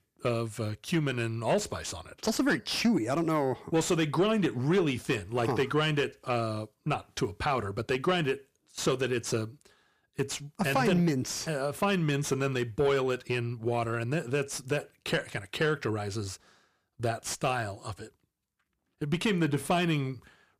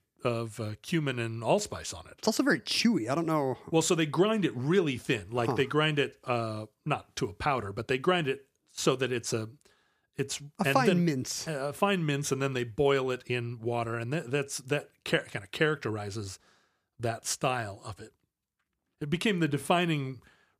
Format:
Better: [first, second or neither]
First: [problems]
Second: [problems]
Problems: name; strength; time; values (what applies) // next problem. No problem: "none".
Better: second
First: distortion; slight; 10 dB below the speech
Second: none